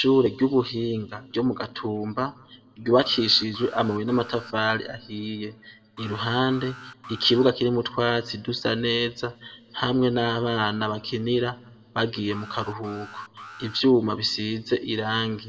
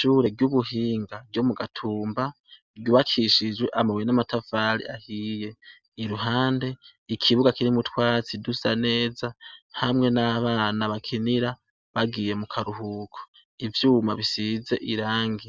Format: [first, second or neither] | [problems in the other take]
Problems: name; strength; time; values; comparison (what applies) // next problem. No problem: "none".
second | background sound (Alarm); 18 dB below the speech // room echo; dies away in 2.3 s